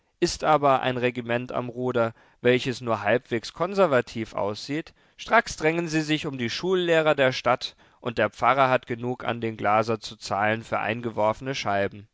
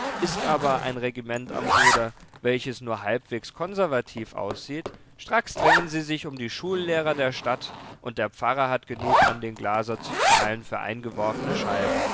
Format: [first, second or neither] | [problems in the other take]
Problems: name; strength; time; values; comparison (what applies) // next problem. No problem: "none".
first | background sound (Zipper (clothing)); as loud as the speech